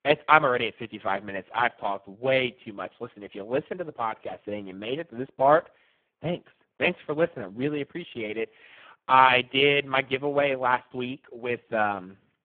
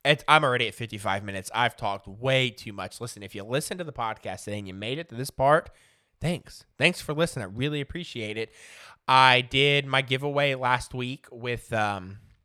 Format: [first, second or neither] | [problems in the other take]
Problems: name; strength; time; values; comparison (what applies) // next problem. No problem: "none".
second | phone-call audio; poor line